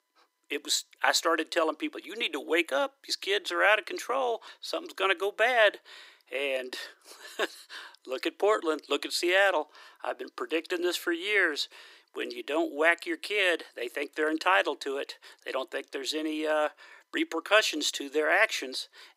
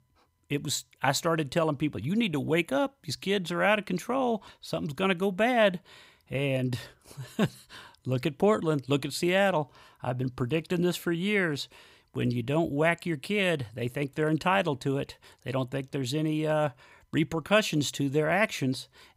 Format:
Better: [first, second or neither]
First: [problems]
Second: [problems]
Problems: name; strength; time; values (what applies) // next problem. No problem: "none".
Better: second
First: thin; very; fading below 300 Hz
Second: none